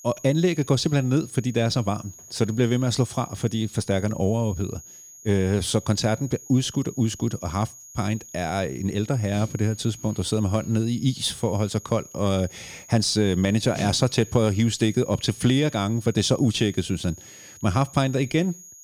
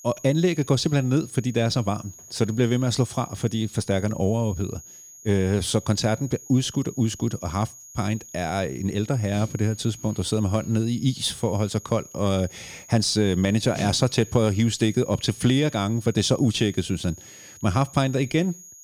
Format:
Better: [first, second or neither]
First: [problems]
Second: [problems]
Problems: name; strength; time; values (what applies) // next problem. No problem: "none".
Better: neither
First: high-pitched whine; noticeable; throughout; 6.5 kHz, 20 dB below the speech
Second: high-pitched whine; noticeable; throughout; 6.5 kHz, 20 dB below the speech